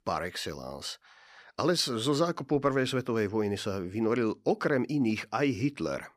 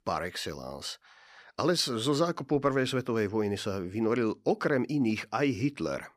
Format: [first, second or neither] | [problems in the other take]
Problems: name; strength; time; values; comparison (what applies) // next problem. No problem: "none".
neither | none